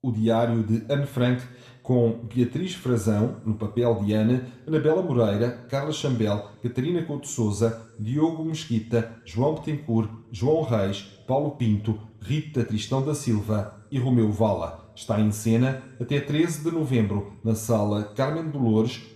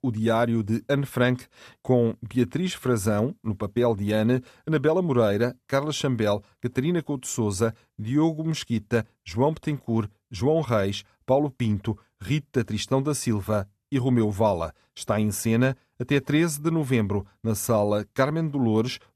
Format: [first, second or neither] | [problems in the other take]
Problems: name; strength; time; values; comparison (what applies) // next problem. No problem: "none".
second | room echo; slight; dies away in 0.7 s